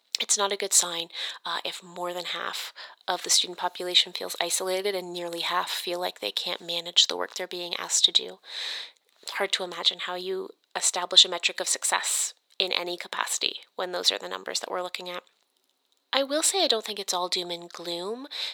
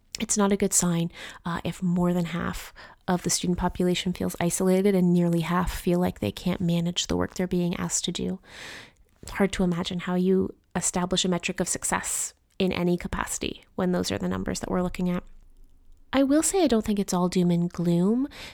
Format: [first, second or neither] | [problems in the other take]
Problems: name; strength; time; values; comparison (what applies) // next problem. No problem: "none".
second | thin; very; fading below 500 Hz